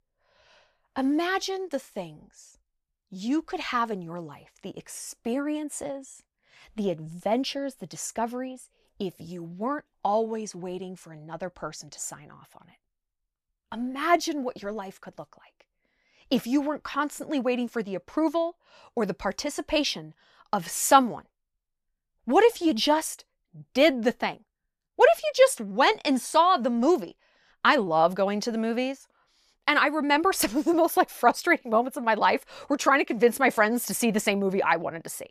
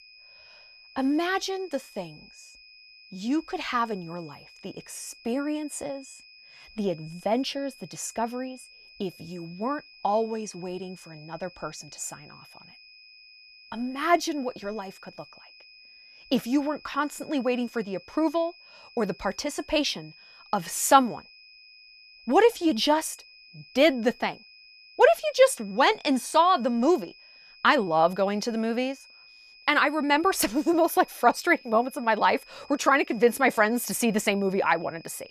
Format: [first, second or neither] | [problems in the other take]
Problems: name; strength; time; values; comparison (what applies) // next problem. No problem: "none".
first | high-pitched whine; faint; throughout; 2.5 kHz, 25 dB below the speech